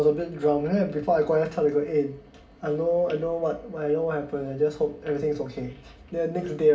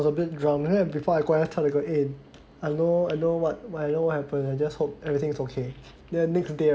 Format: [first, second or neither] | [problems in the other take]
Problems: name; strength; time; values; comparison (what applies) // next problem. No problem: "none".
second | room echo; dies away in 0.3 s